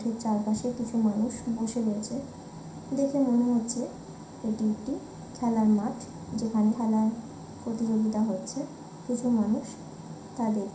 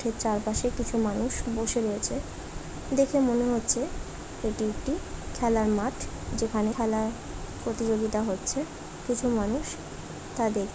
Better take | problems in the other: second | room echo; dies away in 0.5 s

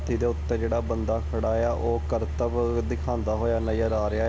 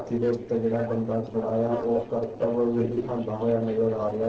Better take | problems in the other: first | noise reduction (neural separator model SepFormer DNS4)

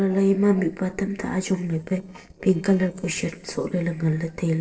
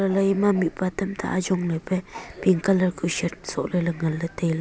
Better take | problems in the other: second | noise reduction (neural separator model SepFormer DNS4)

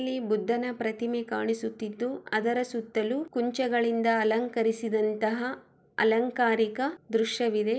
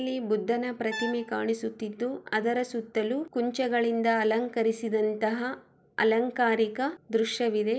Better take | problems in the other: first | background sound (Brass instrument); 14 dB below the speech

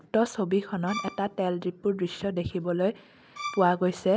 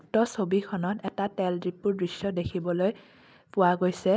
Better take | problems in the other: second | background sound (Bowed string instrument); 11 dB below the speech

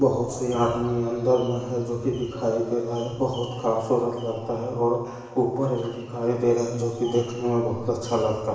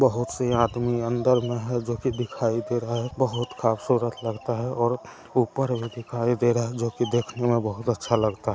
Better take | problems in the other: second | room echo; dies away in 1.1 s

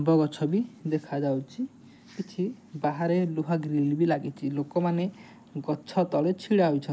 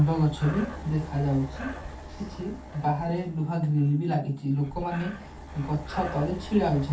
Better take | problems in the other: first | background sound (Breathing); 13 dB below the speech // room echo; dies away in 0.2 s

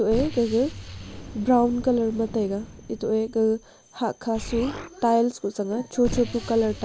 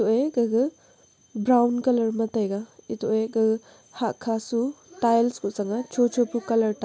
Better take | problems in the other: second | background sound (Explosion); 12 dB below the speech

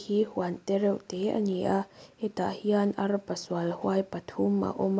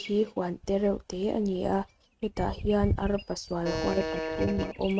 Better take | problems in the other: first | noise reduction (neural mask model RNNoise)

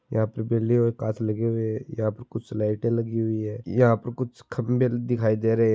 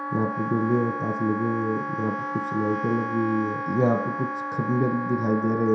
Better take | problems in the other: first | background sound (Wind instrument, woodwind instrument); 5 dB below the speech // room echo; dies away in 0.7 s

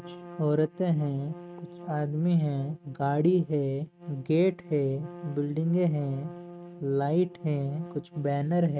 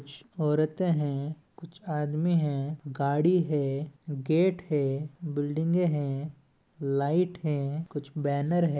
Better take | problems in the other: second | noise reduction (neural mask model RNNoise)

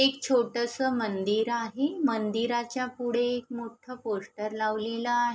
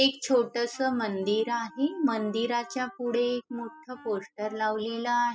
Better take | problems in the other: first | noise reduction (classical method spectral subtraction)

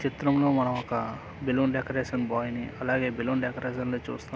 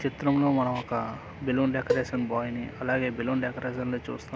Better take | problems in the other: first | background sound (Cowbell); 7 dB below the speech

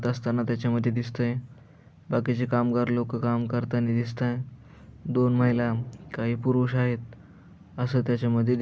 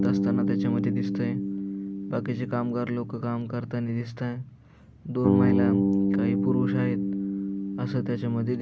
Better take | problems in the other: first | background sound (Bass guitar); 2 dB above the speech

